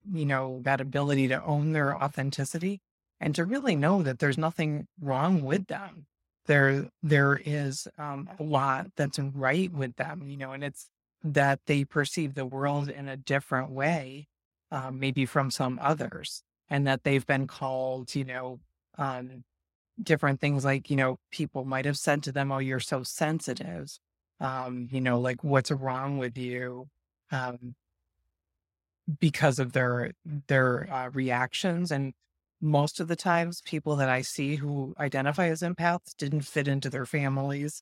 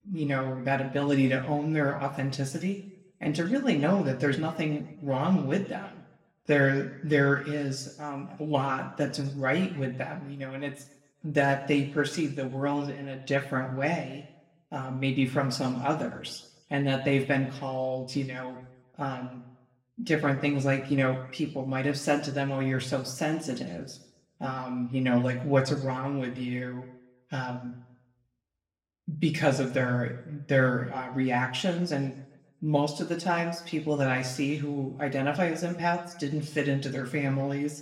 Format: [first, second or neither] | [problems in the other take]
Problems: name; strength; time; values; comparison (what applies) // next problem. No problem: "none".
first | room echo; slight; dies away in 0.7 s // off-mic speech; somewhat distant